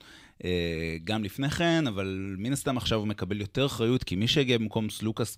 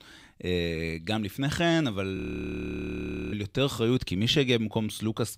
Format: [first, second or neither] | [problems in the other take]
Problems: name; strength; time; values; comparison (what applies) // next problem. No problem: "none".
first | audio freezing; at 2 s for 1 s